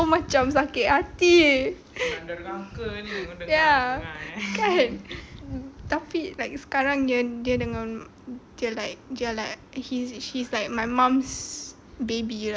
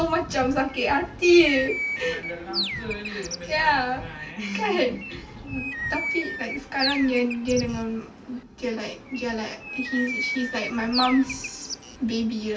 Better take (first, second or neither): first